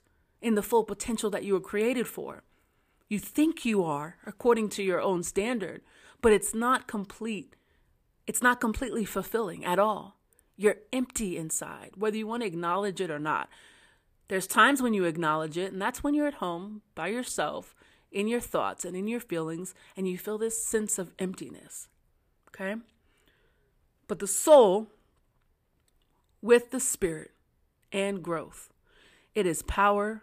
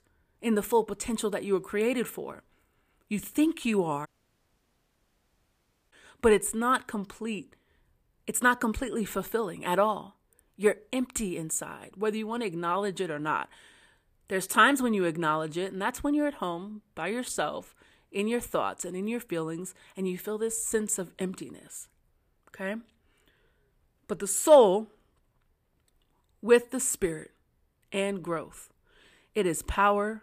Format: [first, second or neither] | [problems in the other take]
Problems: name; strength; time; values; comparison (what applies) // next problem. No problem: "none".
first | audio cutting out; at 4 s for 2 s